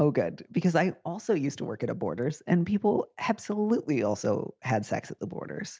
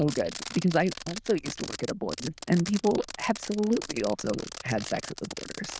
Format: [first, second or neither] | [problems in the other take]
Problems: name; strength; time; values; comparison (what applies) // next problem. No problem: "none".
first | noise reduction (neural diffusion model UNIVERSE++)